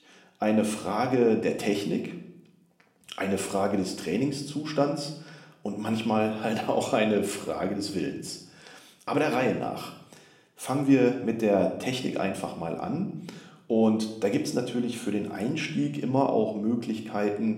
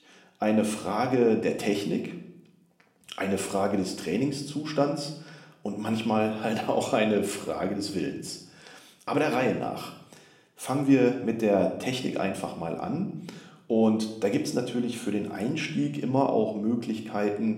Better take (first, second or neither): neither